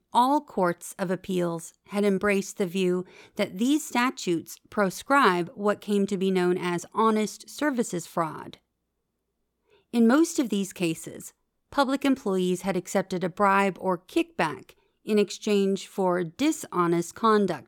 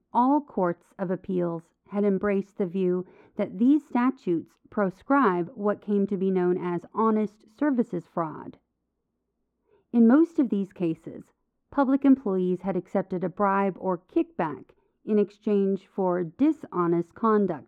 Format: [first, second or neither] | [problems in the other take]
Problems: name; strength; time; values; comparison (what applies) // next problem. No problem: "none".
first | muffled; very; fading above 3 kHz